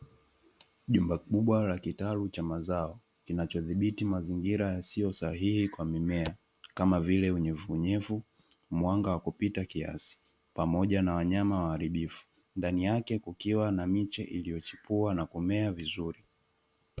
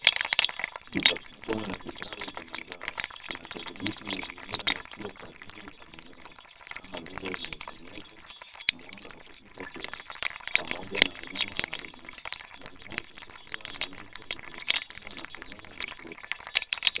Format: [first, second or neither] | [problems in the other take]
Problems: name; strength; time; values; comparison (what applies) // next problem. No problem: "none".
first | noise reduction (neural separator model SepFormer WHAMR!)